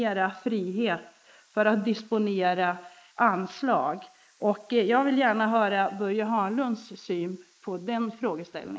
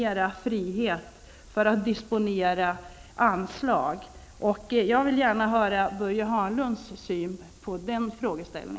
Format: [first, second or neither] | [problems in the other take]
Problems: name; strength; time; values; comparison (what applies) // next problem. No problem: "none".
second | noise reduction (neural mask model Resemble Enhance denoiser)